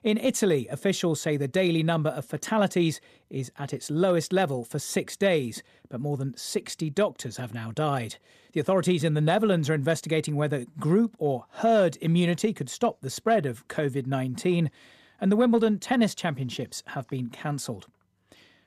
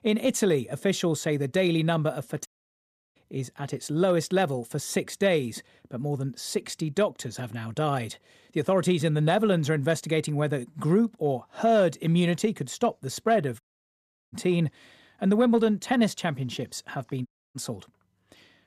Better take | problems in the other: first | audio cutting out; at 2.5 s for 0.5 s, at 14 s for 0.5 s and at 17 s

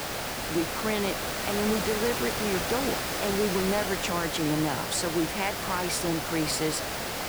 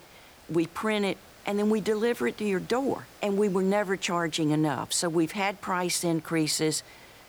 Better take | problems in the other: second | hiss; loud; throughout; 1 dB below the speech; faint in the second

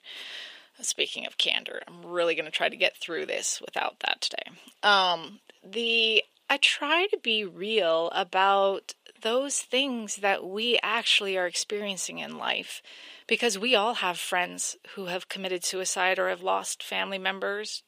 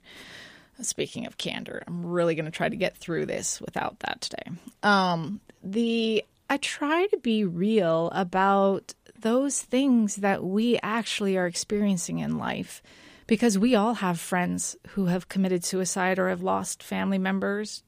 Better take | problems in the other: second | thin; somewhat; fading below 500 Hz

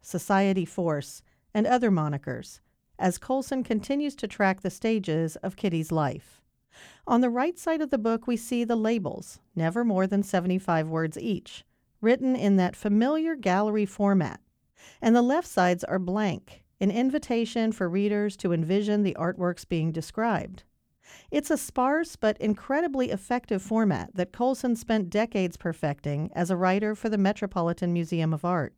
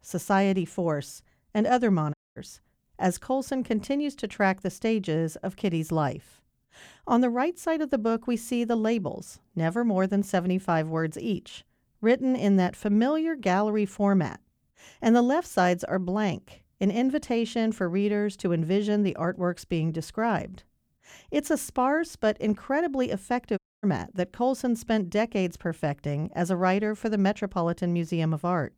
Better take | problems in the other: first | audio cutting out; at 2 s and at 24 s

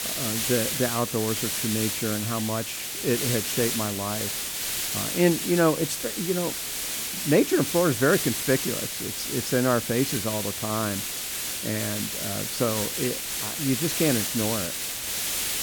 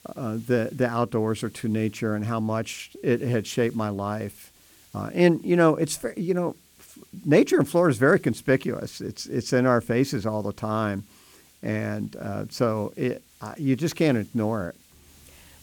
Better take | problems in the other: second | hiss; loud; throughout; 1 dB below the speech; faint in the second

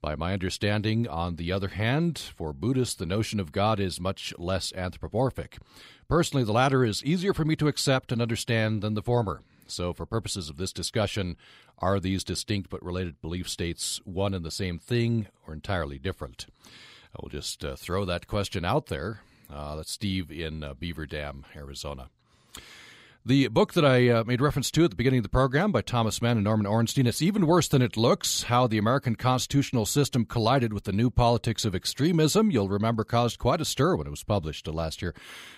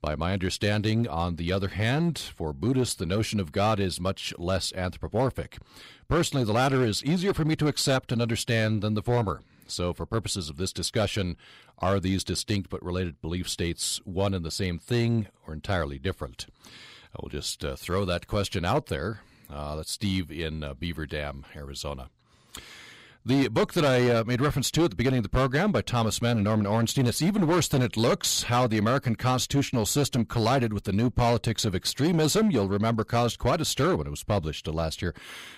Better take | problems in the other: first | distortion; slight; 7% of the sound clipped

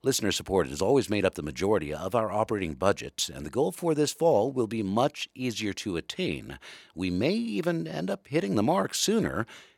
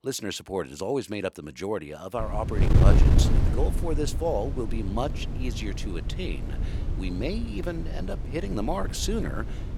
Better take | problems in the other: first | wind noise on the microphone; heavy; from 2 s on; 6 dB below the speech

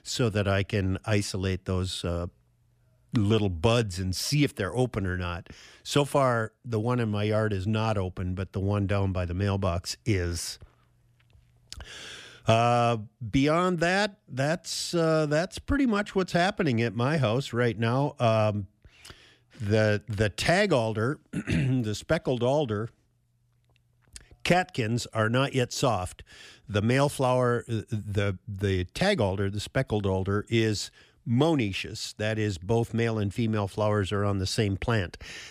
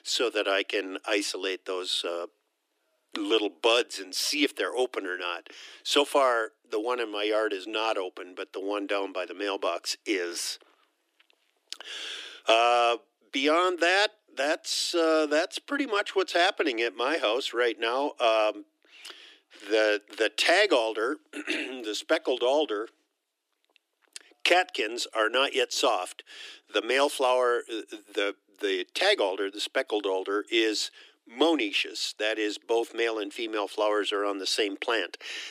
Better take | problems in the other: first | thin; very; fading below 300 Hz

